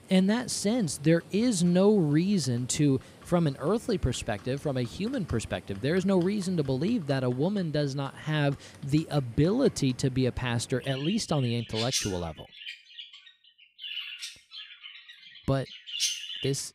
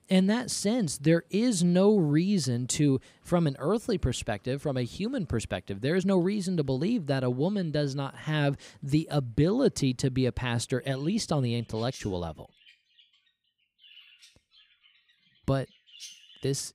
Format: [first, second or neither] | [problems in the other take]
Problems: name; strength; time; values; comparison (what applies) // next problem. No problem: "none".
second | animal sounds; loud; throughout; 10 dB below the speech; faint in the second